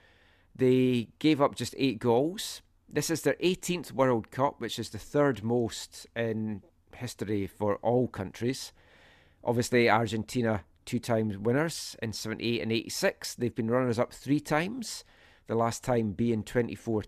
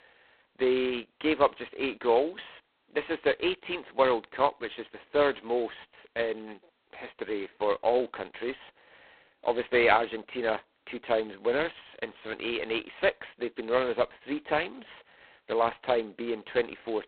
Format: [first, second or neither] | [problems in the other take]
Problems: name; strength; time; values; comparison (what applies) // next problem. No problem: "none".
first | phone-call audio; poor line; nothing above 4 kHz